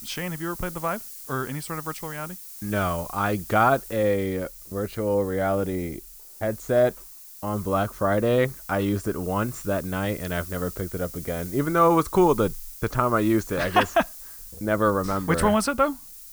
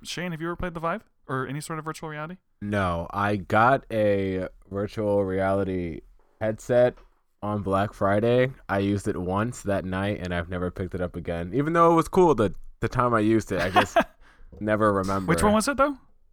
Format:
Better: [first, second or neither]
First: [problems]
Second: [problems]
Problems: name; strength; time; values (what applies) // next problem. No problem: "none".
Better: second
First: hiss; noticeable; throughout; 15 dB below the speech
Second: none